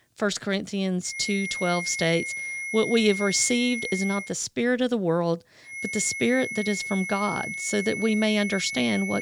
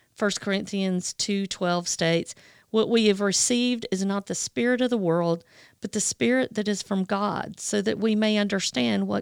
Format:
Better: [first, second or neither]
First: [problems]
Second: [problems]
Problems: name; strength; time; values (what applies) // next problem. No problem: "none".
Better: second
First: high-pitched whine; loud; from 1 to 4 s and from 5.5 s on; 2 kHz, 5 dB below the speech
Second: none